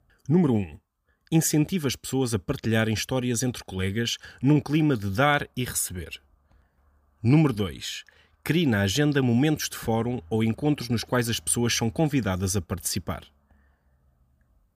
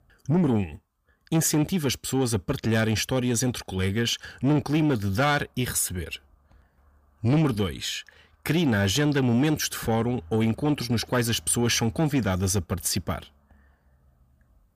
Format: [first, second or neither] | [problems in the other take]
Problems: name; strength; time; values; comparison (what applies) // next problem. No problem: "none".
first | distortion; slight; 10 dB below the speech